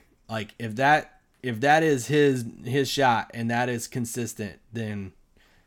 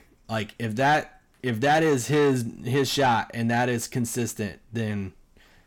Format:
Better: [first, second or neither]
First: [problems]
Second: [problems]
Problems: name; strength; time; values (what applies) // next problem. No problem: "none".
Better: first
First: none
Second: distortion; slight; 10 dB below the speech